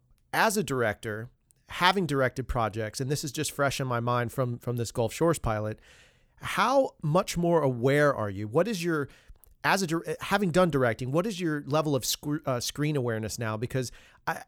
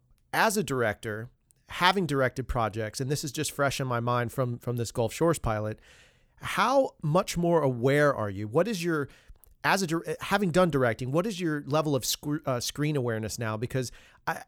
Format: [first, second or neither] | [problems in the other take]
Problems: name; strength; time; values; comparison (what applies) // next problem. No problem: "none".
neither | none